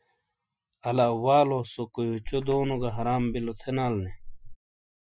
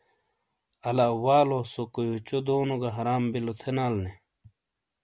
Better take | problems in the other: second | noise reduction (classical method Wiener filter)

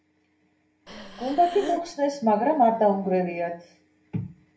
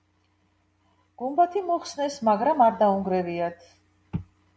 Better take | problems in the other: second | background sound (Breathing); 12 dB below the speech // room echo; dies away in 0.3 s

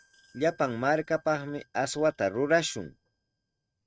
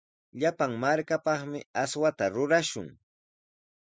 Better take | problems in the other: second | noise reduction (neural mask model RNNoise)

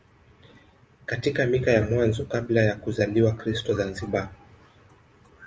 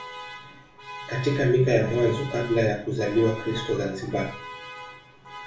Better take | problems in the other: first | background sound (Alarm); 15 dB below the speech // room echo; dies away in 0.3 s

